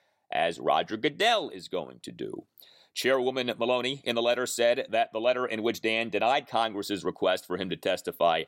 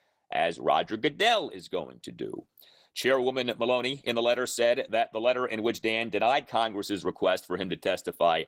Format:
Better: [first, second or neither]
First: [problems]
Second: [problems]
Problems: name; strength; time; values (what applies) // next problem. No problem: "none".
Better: first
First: none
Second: garbled, watery; slightly; nothing above 16.5 kHz